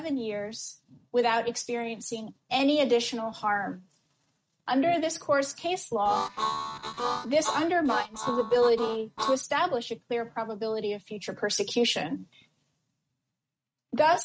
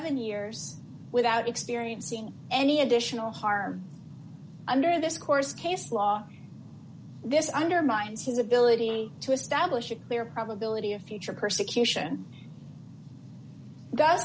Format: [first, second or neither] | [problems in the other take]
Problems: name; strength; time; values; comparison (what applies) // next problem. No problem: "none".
second | noise reduction (neural mask model RNNoise)